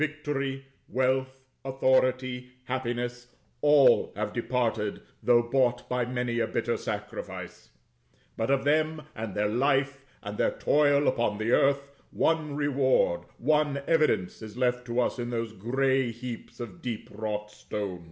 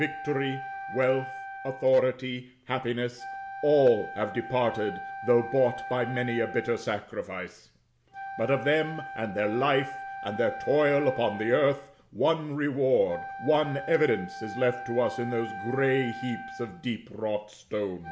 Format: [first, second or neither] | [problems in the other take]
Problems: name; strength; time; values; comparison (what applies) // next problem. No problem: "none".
first | background sound (Wind instrument, woodwind instrument); 12 dB below the speech